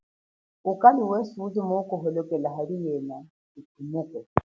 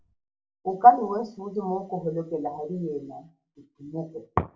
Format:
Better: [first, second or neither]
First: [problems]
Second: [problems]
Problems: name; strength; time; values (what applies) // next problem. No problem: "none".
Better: first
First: none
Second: room echo; dies away in 0.2 s